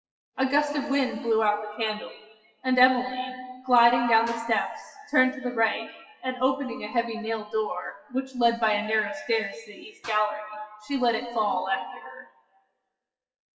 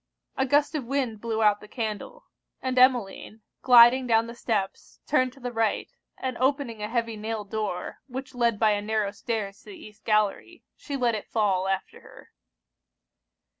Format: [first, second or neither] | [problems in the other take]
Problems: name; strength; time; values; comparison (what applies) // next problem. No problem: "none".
second | noise reduction (classical method WPE with log-MMSE)